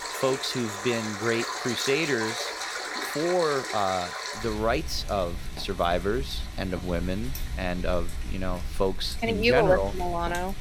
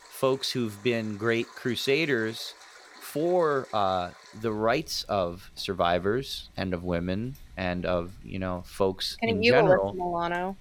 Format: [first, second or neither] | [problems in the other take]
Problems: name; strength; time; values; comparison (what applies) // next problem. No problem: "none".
second | rain or running water; loud; throughout; 6 dB below the speech; faint in the second